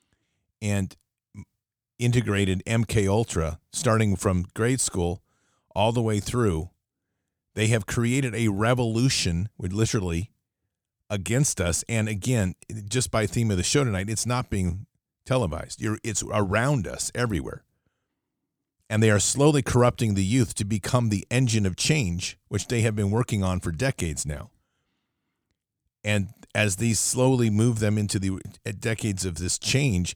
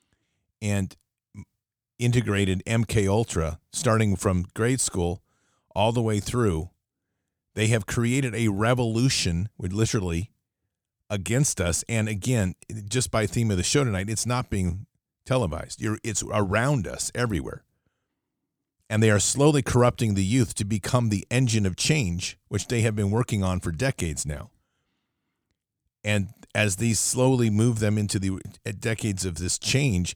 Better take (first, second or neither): neither